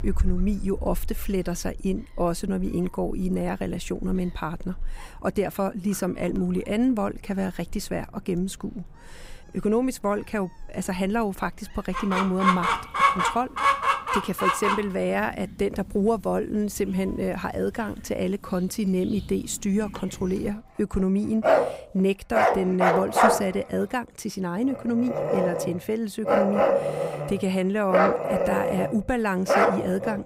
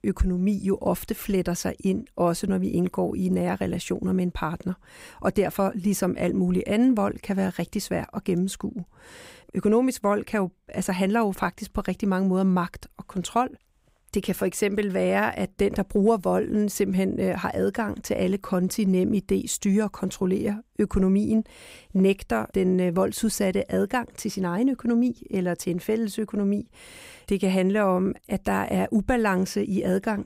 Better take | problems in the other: second | animal sounds; very loud; throughout; 2 dB above the speech

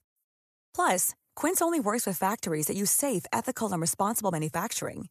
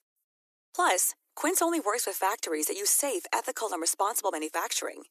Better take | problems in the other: first | thin; somewhat; fading below 300 Hz

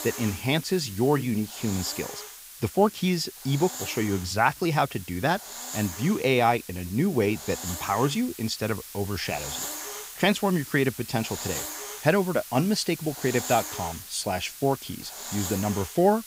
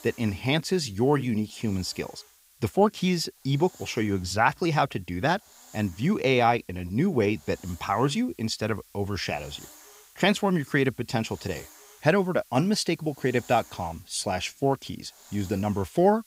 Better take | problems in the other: second | hiss; loud; throughout; 10 dB below the speech; faint in the second

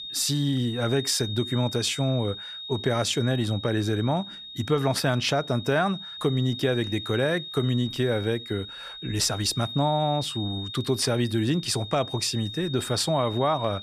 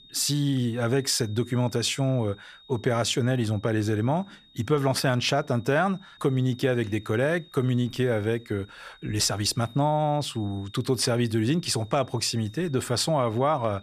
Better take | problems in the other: second | high-pitched whine; loud; throughout; 3.5 kHz, 10 dB below the speech; faint in the second

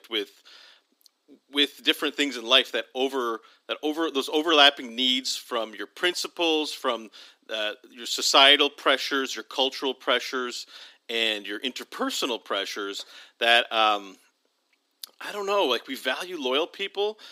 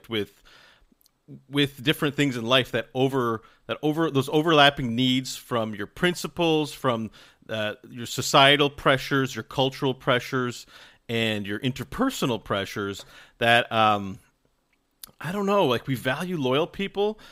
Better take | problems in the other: second | thin; very slightly; fading below 250 Hz

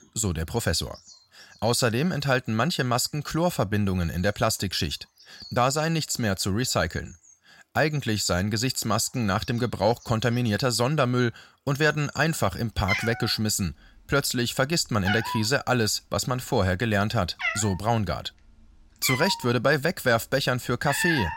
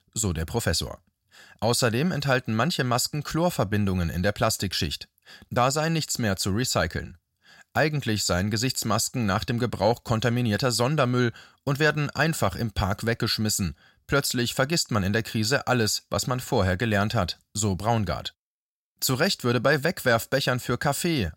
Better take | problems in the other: second | animal sounds; loud; throughout; 6 dB below the speech

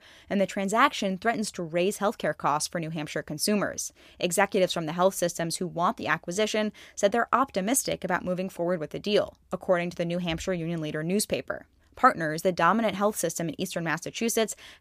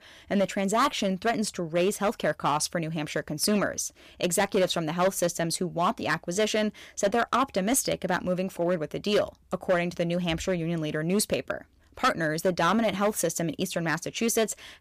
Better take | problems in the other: first | distortion; slight; 4% of the sound clipped

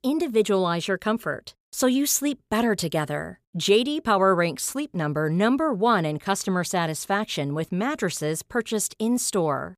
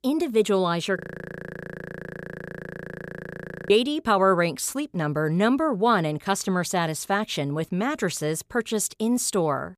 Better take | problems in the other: first | audio freezing; at 1 s for 2.5 s

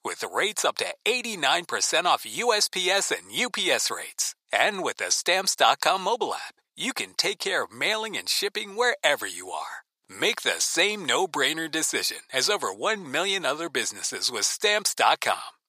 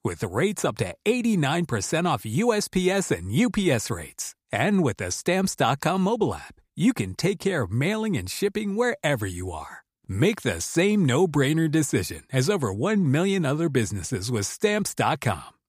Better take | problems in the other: second | thin; very; fading below 700 Hz

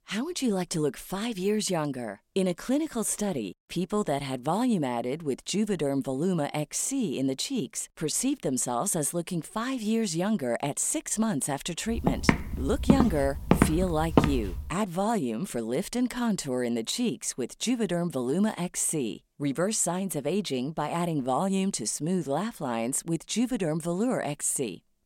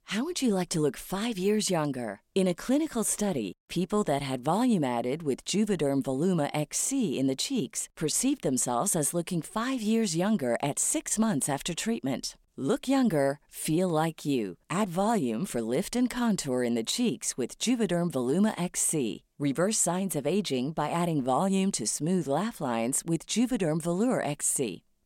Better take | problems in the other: second | footsteps; loud; from 12 to 14 s; peak 5 dB above the speech

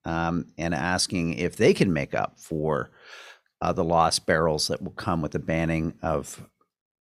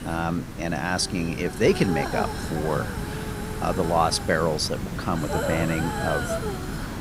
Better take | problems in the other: first | hiss; loud; throughout; 5 dB below the speech

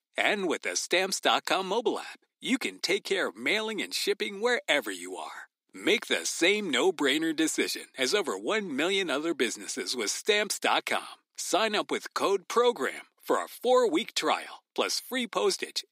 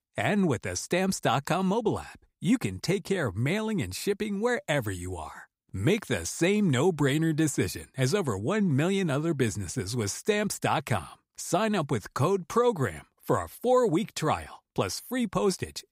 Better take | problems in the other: second | thin; somewhat; fading below 250 Hz

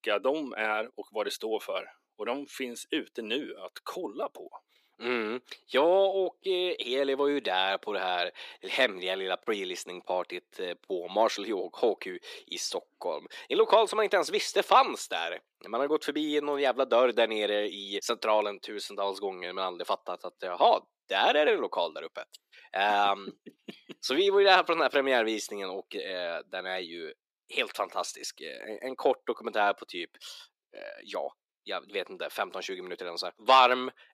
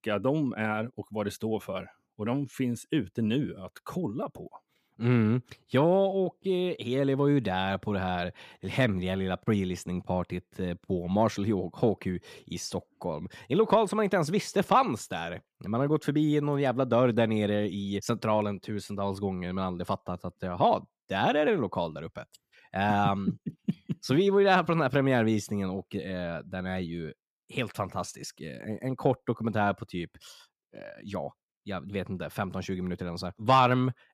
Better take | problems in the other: second | thin; very; fading below 350 Hz

